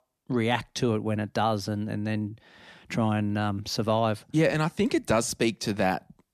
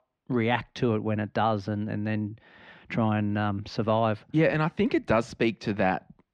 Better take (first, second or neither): first